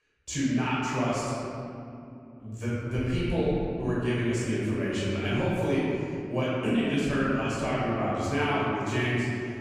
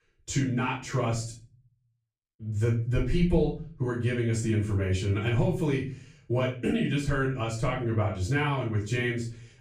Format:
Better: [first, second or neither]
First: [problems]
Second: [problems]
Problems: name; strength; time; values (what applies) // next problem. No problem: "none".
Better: second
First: room echo; strong; dies away in 2.5 s // off-mic speech; far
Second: room echo; slight; dies away in 0.5 s // off-mic speech; far